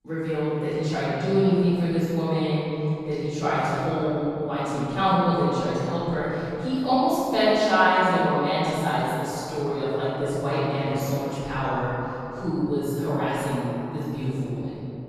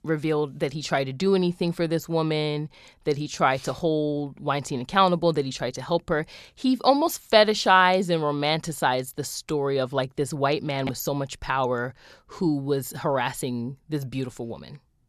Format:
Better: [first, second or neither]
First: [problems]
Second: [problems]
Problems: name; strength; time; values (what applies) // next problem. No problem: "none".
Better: second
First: off-mic speech; far // room echo; strong; dies away in 3 s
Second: none